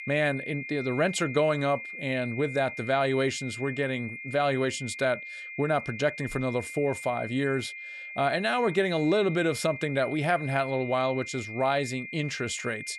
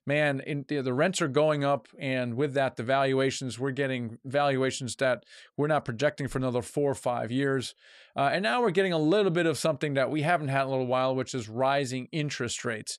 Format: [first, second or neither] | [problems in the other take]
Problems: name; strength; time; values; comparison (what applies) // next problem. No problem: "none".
second | high-pitched whine; loud; throughout; 2 kHz, 10 dB below the speech